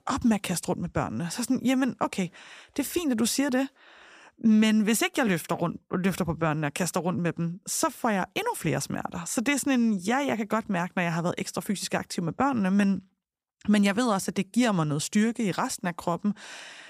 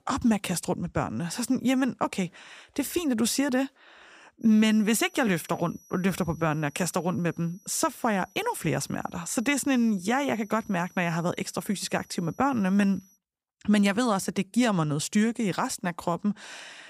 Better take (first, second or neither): first